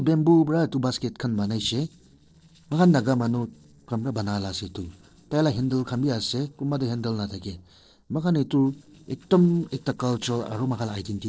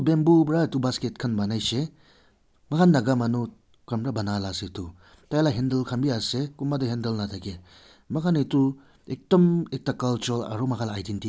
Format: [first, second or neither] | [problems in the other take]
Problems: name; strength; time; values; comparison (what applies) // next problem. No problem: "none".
second | noise reduction (neural separator model SepFormer DNS4)